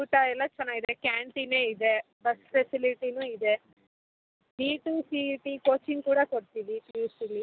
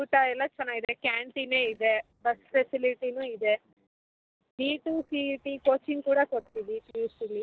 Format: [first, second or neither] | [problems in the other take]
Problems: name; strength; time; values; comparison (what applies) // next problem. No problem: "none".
first | noise reduction (neural separator model SepFormer DNS4)